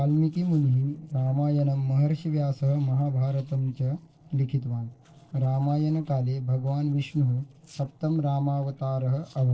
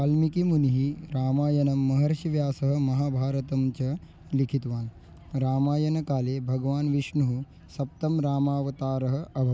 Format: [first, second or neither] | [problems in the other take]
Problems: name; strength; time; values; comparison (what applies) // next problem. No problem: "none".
second | noise reduction (neural separator model SepFormer DNS4)